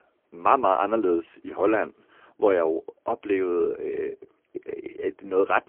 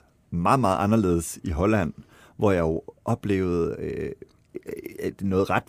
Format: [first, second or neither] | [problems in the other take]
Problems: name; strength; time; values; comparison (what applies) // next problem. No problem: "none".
second | phone-call audio; poor line